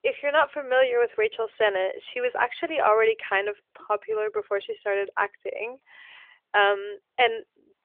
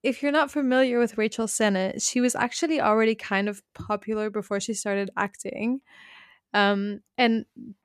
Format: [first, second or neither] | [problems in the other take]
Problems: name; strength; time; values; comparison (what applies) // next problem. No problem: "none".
second | phone-call audio; nothing above 3 kHz